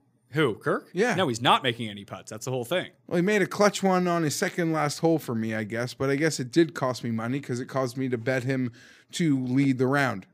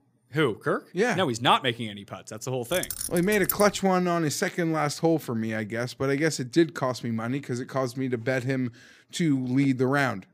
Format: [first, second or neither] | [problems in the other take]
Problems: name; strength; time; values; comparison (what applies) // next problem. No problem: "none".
first | jangling keys; noticeable; at 2.5 s; peak 4 dB below the speech